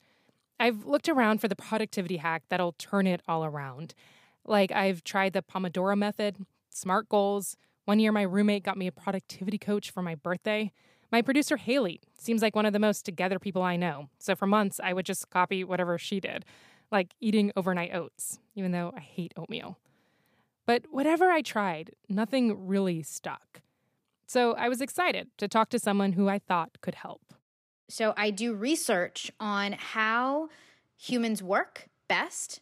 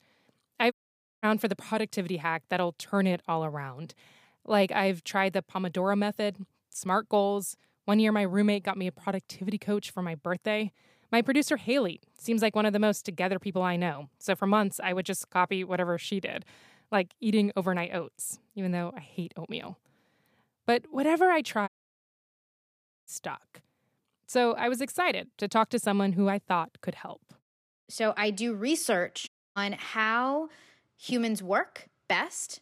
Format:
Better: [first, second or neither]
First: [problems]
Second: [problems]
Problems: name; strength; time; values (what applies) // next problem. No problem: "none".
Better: first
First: none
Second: audio cutting out; at 0.5 s for 0.5 s, at 22 s for 1.5 s and at 29 s